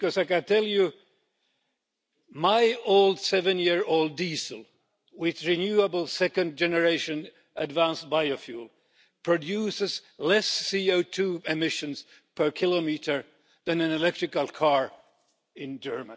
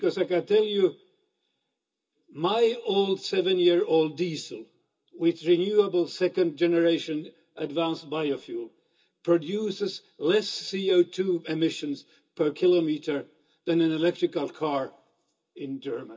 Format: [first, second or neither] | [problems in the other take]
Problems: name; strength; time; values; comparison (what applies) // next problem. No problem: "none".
first | room echo; dies away in 0.2 s